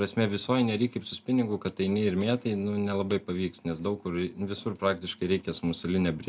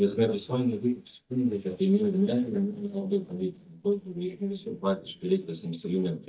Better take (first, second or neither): first